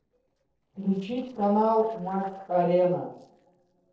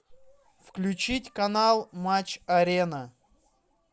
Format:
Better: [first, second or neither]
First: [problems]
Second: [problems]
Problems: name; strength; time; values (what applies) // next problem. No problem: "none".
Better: second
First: noise reduction (neural separator model SepFormer DNS4)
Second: none